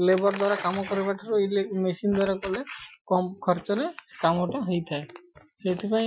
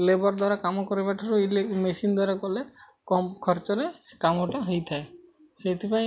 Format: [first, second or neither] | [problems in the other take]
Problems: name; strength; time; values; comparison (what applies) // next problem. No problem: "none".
second | noise reduction (classical method Wiener filter)